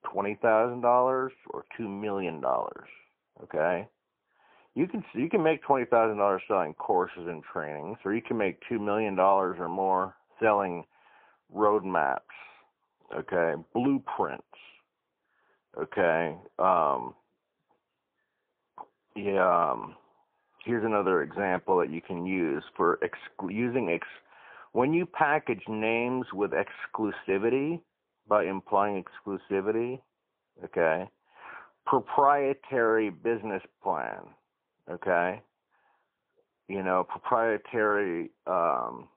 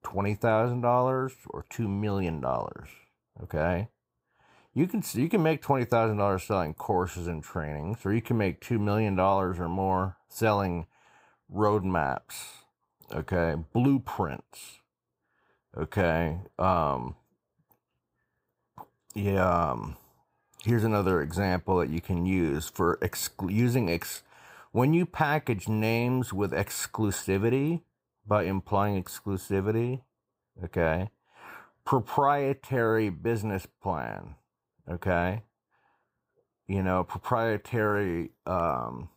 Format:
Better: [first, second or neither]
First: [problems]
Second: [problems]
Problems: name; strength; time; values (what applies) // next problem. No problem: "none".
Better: second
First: phone-call audio; poor line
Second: none